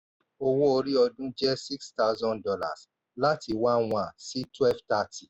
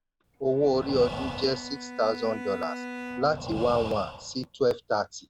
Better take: first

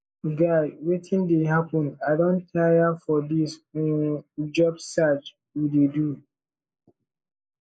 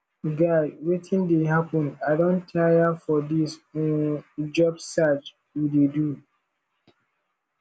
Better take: second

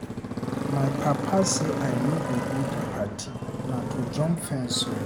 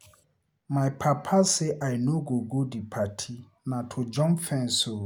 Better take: second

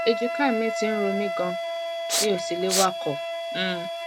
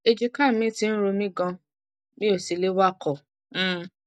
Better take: second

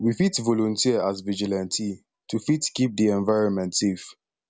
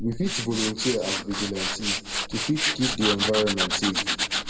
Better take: first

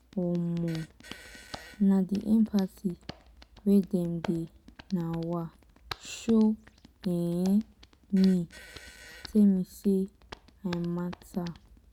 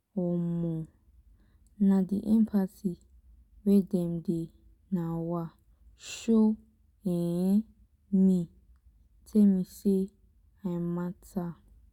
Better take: second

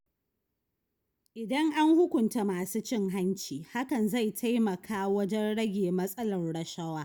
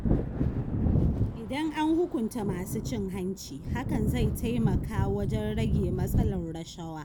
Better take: first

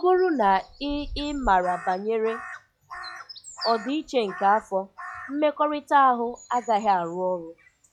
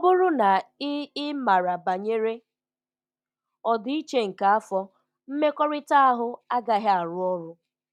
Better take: second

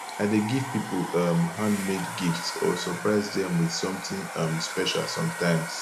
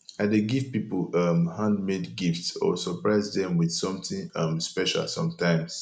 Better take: second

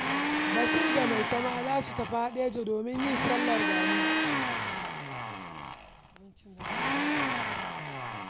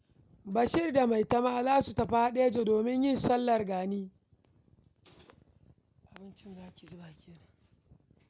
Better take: second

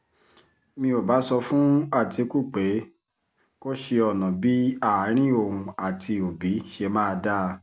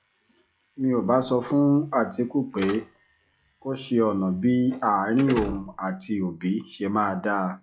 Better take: first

